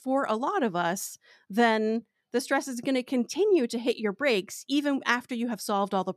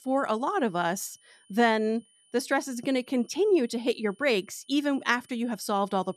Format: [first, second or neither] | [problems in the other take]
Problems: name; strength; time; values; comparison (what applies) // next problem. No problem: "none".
first | high-pitched whine; faint; throughout; 3 kHz, 30 dB below the speech